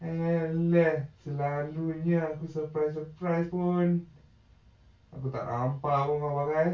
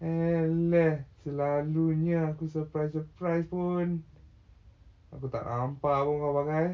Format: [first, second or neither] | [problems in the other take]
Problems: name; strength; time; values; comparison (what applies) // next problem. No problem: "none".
second | room echo; dies away in 0.2 s